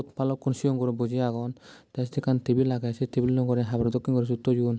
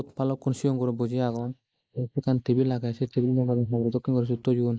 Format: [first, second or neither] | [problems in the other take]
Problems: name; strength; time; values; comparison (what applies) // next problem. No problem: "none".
first | noise reduction (neural mask model Resemble Enhance denoiser)